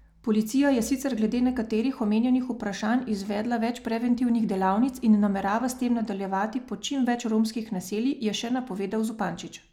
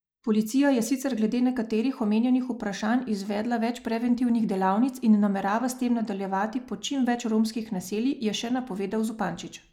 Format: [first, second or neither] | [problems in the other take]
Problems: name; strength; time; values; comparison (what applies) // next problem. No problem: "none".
first | noise reduction (neural mask model Resemble Enhance denoiser)